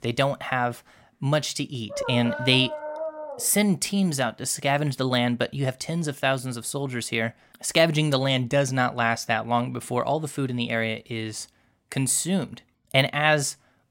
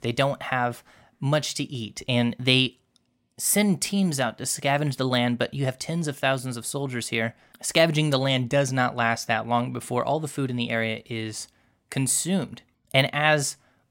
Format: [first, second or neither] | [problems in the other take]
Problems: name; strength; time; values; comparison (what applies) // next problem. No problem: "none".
second | dog barking; noticeable; from 2 to 3.5 s; peak 7 dB below the speech